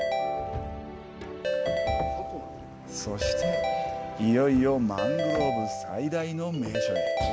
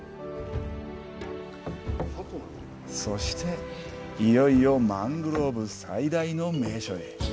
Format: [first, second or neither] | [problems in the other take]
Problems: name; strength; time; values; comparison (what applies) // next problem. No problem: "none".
second | background sound (Ringtone / Keyboard (musical)); 1 dB below the speech